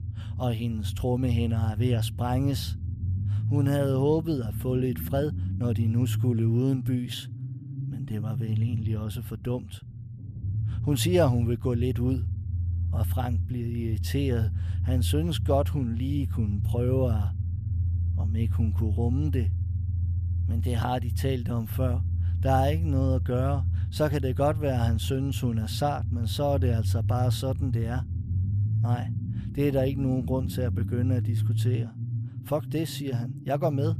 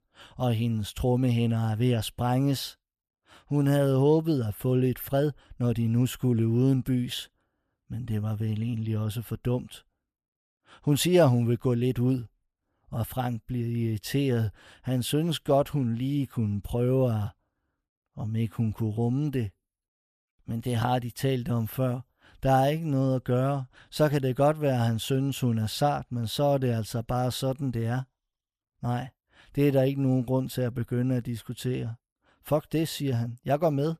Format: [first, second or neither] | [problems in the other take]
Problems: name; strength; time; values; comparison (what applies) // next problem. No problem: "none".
second | low rumble; noticeable; throughout; 10 dB below the speech